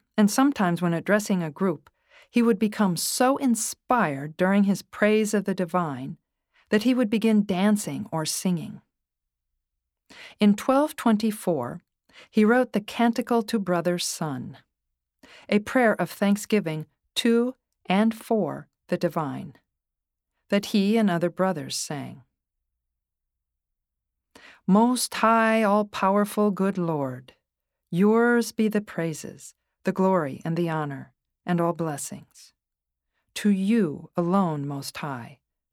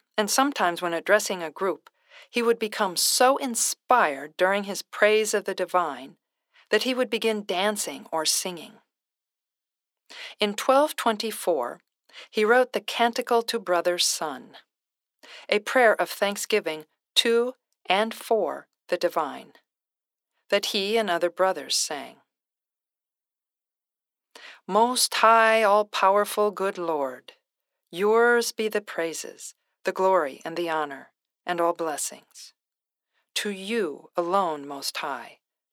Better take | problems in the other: first | thin; somewhat; fading below 400 Hz

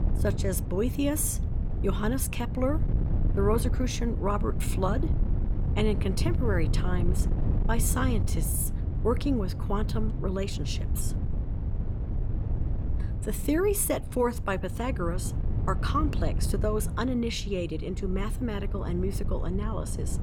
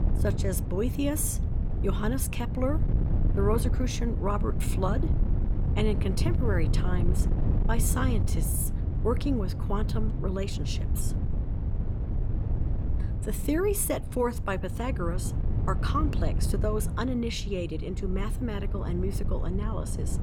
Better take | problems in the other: first | wind noise on the microphone; heavy; 9 dB below the speech; occasional gusts in the first

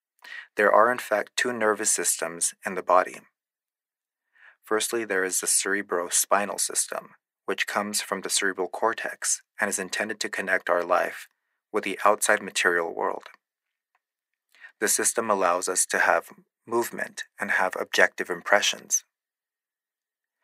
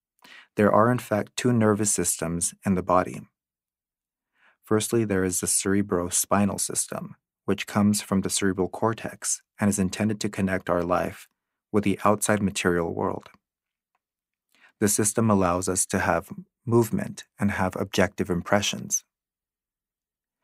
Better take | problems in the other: second | thin; very; fading below 550 Hz

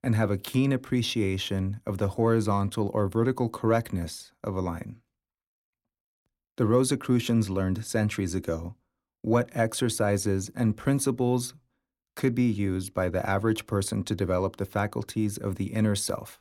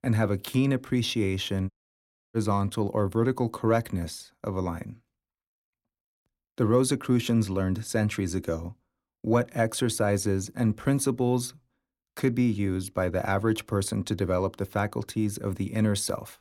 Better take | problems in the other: first | audio cutting out; at 1.5 s for 0.5 s

